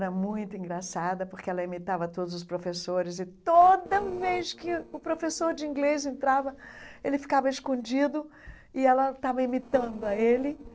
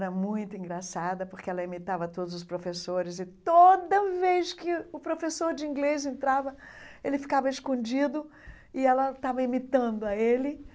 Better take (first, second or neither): second